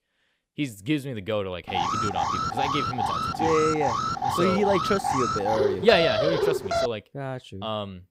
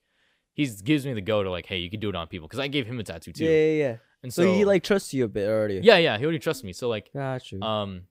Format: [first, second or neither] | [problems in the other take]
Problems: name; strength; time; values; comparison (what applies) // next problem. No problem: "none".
second | alarm; loud; from 1.5 to 7 s; peak 4 dB above the speech